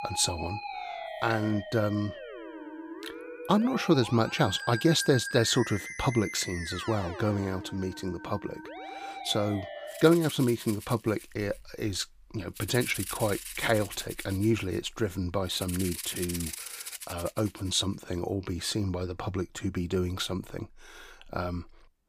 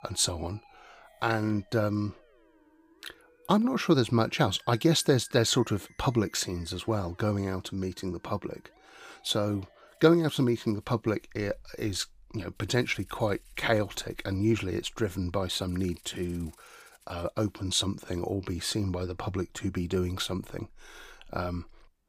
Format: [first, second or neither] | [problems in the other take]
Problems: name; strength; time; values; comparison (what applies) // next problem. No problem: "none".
second | background music; loud; until 18 s; 10 dB below the speech; faint in the second